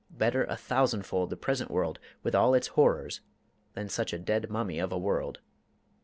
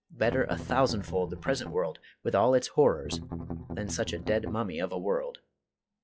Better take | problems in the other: first | noise reduction (classical method log-MMSE)

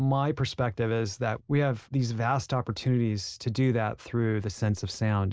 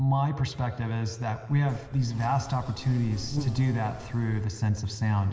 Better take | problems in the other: first | background sound (Insect); 11 dB below the speech // room echo; dies away in 2.2 s

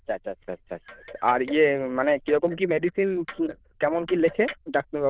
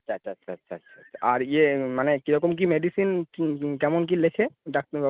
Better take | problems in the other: second | noise reduction (neural diffusion model UNIVERSE++)

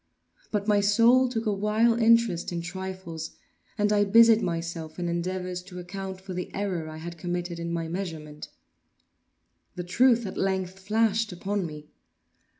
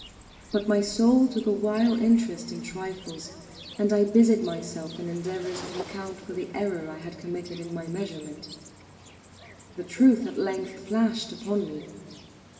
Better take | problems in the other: first | background sound (Cricket); 18 dB below the speech // room echo; dies away in 1.7 s

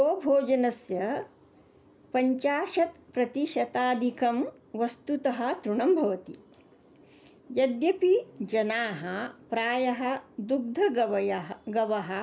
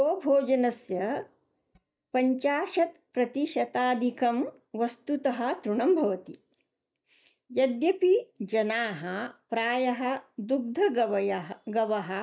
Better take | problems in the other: first | noise reduction (neural mask model DeepFilterNet 3)

